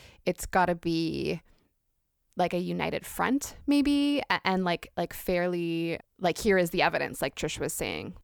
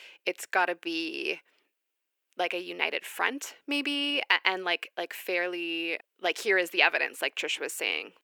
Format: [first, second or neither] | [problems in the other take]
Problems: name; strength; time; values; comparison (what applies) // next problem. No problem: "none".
first | thin; somewhat; fading below 350 Hz